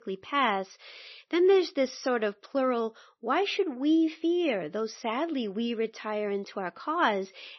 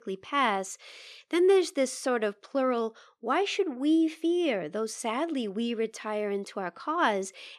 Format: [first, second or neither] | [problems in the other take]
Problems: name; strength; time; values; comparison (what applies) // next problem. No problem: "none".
second | garbled, watery; slightly; nothing above 6 kHz